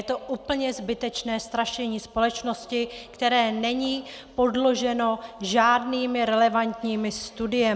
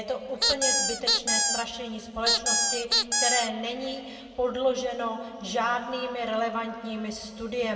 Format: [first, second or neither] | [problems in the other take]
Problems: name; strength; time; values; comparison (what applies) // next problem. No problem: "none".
first | background sound (Squeak); 5 dB above the speech // room echo; dies away in 2.1 s